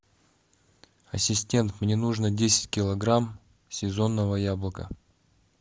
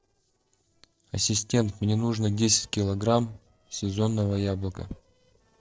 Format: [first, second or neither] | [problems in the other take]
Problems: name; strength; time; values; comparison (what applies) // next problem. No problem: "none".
first | noise reduction (neural separator model SepFormer DNS4)